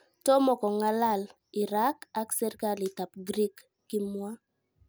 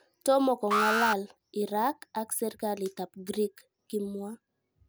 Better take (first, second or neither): first